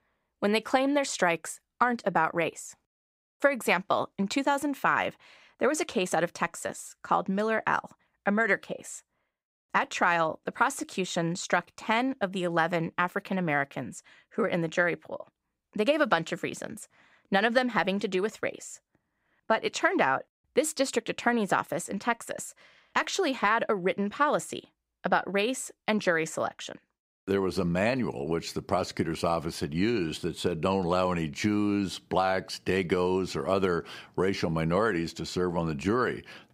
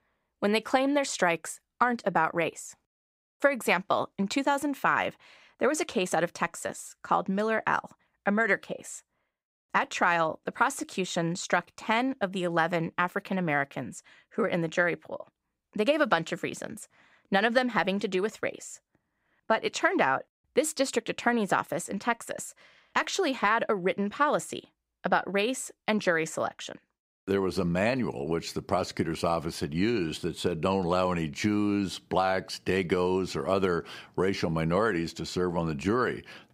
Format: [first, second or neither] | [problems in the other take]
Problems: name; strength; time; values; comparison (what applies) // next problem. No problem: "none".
neither | none